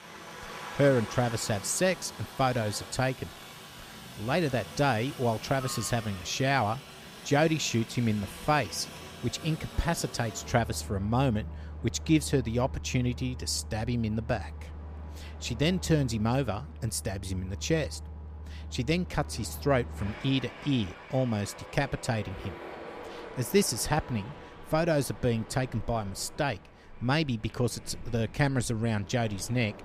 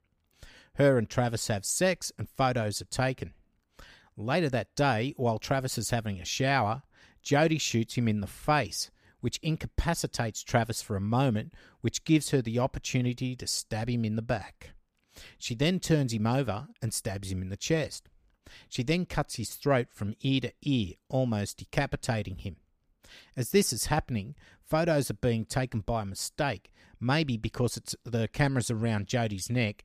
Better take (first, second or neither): second